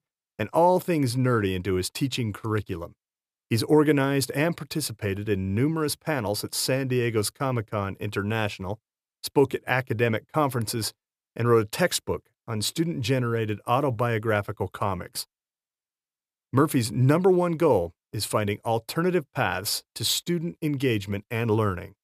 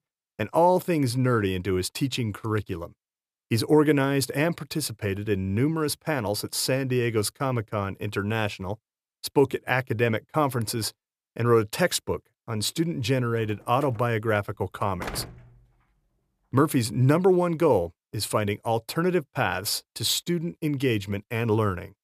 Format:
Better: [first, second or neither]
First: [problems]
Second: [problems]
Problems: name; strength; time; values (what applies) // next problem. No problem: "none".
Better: first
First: none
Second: door banging; faint; from 13 to 15 s; peak 10 dB below the speech